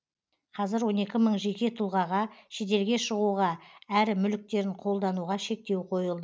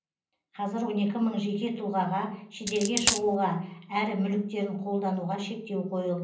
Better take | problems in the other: first | background sound (Coin (dropping)); 1 dB above the speech // room echo; dies away in 0.6 s

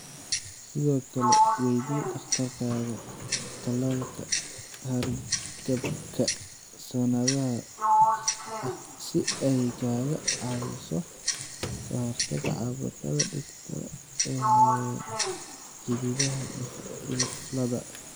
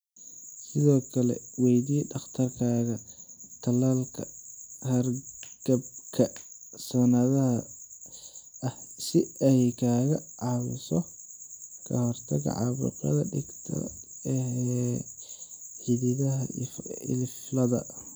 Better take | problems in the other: second | background sound (Sliding door + Tick-tock); 1 dB above the speech

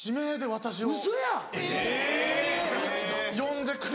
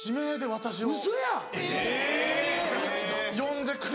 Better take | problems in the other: first | background sound (Bowed string instrument); 18 dB below the speech

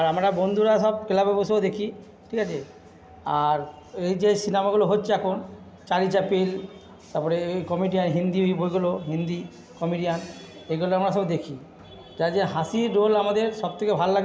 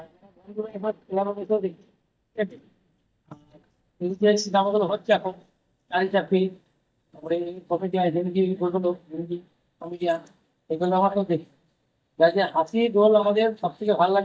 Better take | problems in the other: first | noise reduction (neural mask model DeepFilterNet 3)

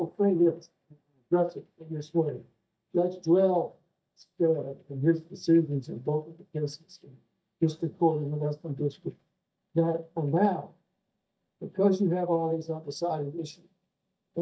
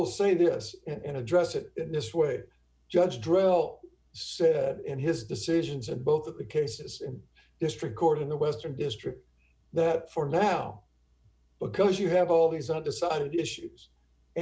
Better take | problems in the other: second | noise reduction (neural mask model DeepFilterNet 3)

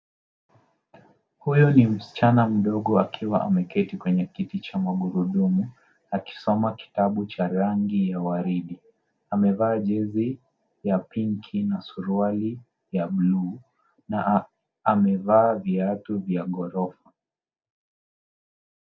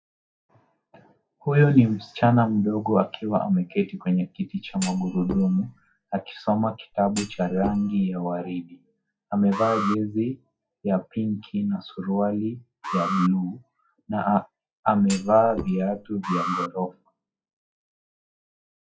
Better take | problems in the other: first | noise reduction (classical method log-MMSE)

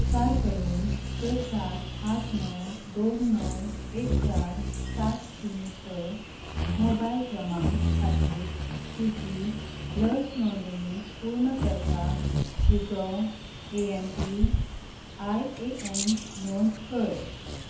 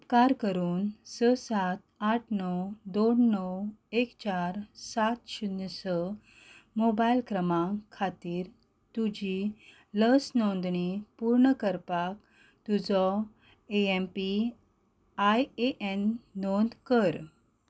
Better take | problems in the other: second | background sound (Bird vocalization, bird call, bird song); 1 dB above the speech // room echo; dies away in 0.6 s

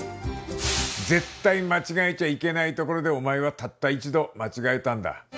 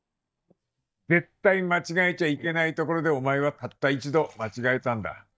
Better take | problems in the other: first | noise reduction (neural mask model DeepFilterNet 3)

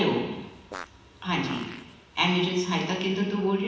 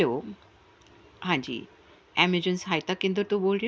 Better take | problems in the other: second | background sound (Fart); 18 dB below the speech // room echo; dies away in 1.1 s

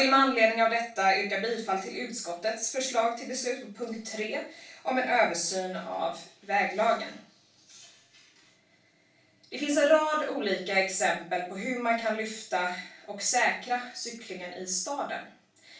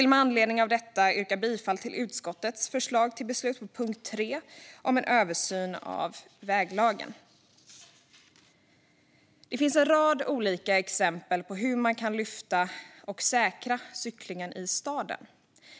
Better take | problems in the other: second | room echo; dies away in 0.3 s

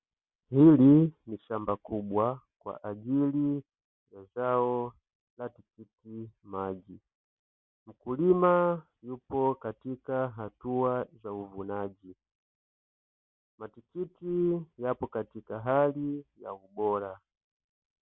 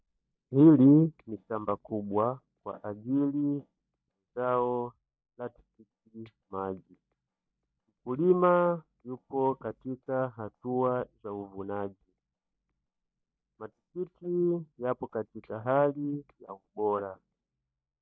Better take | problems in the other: first | noise reduction (neural mask model DeepFilterNet 3)

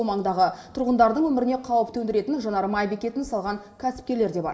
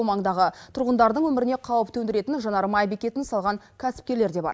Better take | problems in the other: second | room echo; dies away in 2.5 s

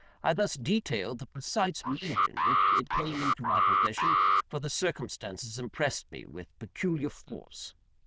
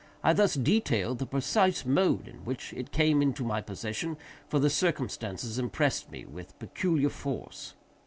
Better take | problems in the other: second | noise reduction (neural diffusion model UNIVERSE++)

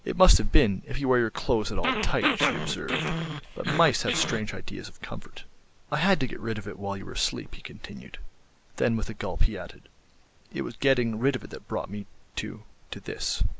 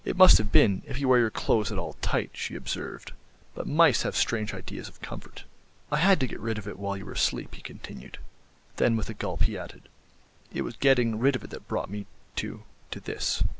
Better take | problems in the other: second | background sound (Growling); 4 dB below the speech

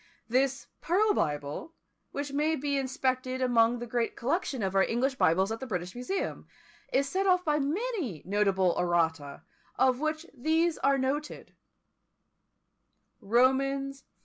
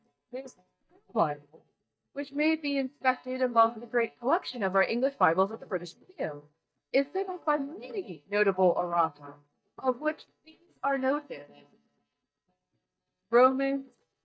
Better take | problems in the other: first | noise reduction (neural mask model DeepFilterNet 3)

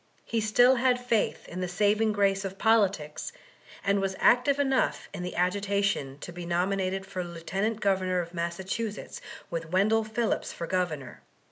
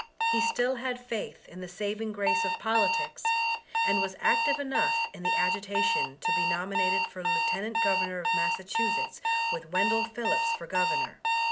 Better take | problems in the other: first | background sound (Alarm); 5 dB above the speech

